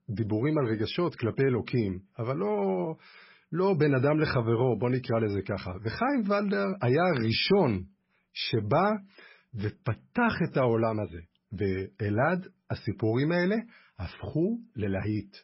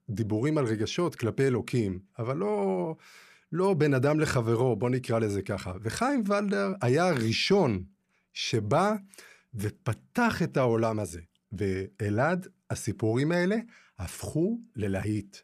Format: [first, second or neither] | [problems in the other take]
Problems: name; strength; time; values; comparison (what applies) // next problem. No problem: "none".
second | garbled, watery; badly; nothing above 5.5 kHz